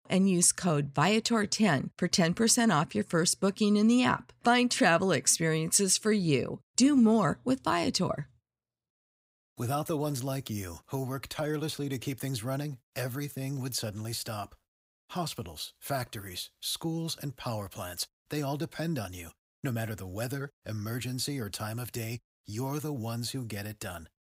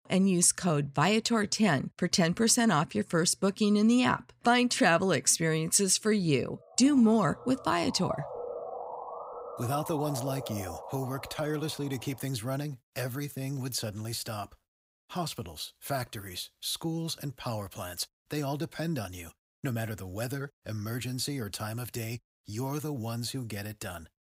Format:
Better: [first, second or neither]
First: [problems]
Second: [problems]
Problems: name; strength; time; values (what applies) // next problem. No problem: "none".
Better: first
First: none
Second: siren; noticeable; from 6.5 to 12 s; peak 9 dB below the speech